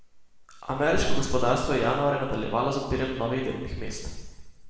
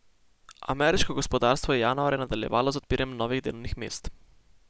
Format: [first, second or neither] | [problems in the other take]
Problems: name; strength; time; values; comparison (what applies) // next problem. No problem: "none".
second | room echo; dies away in 1.1 s